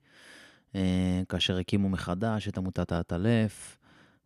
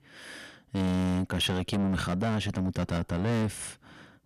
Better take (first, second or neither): first